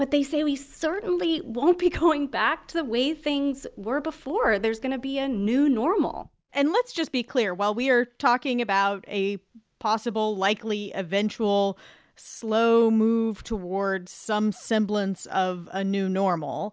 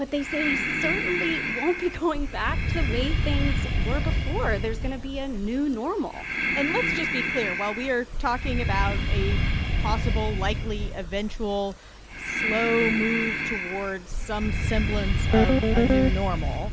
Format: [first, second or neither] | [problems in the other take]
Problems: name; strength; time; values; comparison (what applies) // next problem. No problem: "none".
first | background sound (Guitar + Breathing); 4 dB above the speech